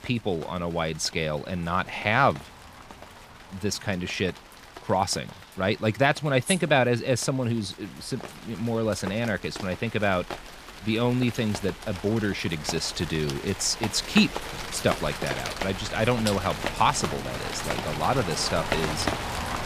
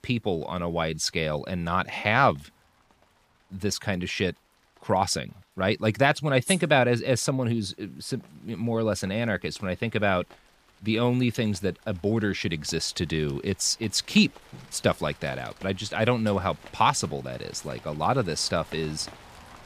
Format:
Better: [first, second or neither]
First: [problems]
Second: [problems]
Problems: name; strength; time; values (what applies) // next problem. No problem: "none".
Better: second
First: rain or running water; loud; throughout; 8 dB below the speech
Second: rain or running water; faint; throughout; 25 dB below the speech